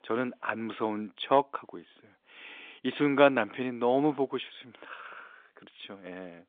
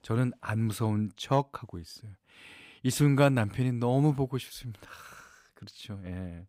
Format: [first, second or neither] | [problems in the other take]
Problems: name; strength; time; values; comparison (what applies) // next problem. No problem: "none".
second | phone-call audio